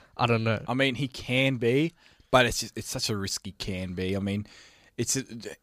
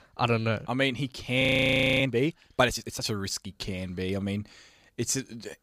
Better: first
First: none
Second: audio freezing; at 1.5 s for 0.5 s

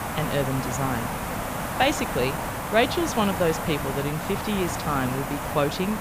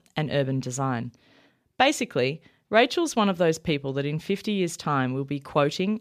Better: second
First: hiss; loud; throughout; 3 dB below the speech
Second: none

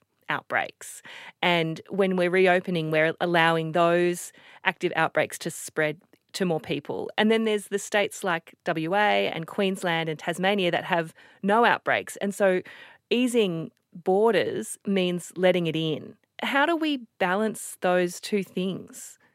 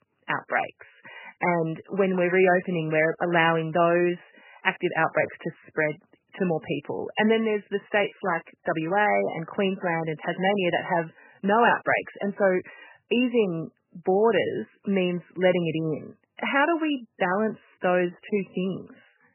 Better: first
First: none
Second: garbled, watery; badly; nothing above 3 kHz

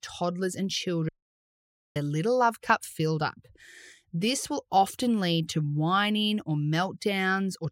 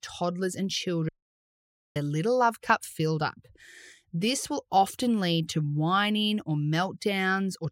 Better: neither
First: audio cutting out; at 1 s for 1 s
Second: audio cutting out; at 1 s for 1 s

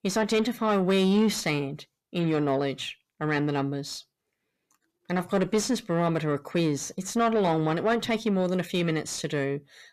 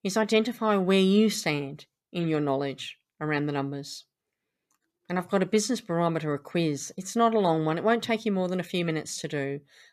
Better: second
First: distortion; slight; 10 dB below the speech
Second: none

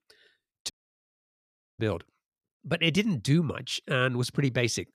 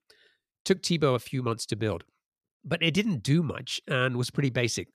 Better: second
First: audio cutting out; at 0.5 s for 1 s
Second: none

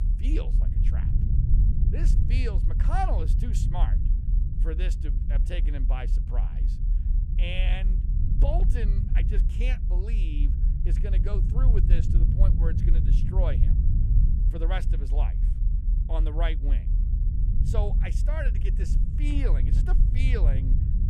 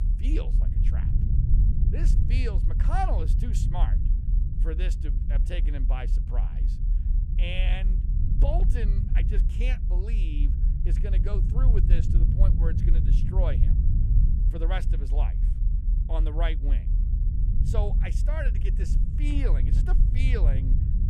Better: neither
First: low rumble; loud; throughout; 6 dB below the speech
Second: low rumble; loud; throughout; 6 dB below the speech

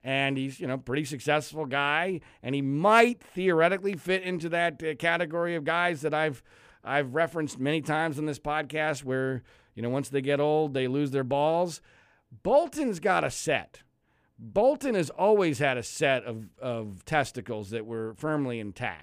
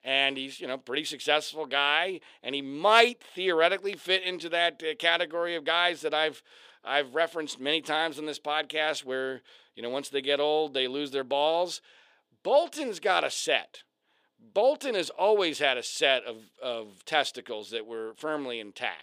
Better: first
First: none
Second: thin; somewhat; fading below 450 Hz

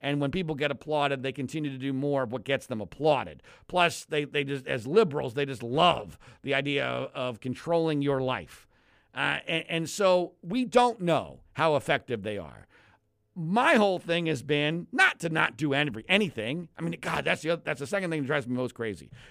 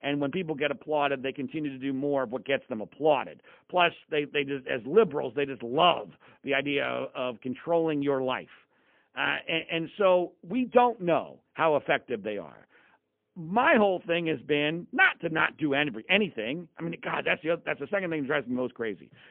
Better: first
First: none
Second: phone-call audio; poor line; nothing above 3 kHz

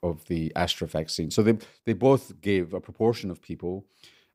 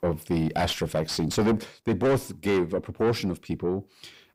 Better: first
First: none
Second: distortion; heavy; 5 dB below the speech

